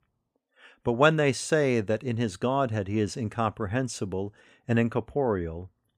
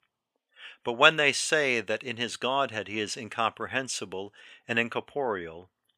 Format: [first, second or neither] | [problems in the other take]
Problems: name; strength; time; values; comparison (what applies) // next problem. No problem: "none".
first | thin; somewhat; fading below 900 Hz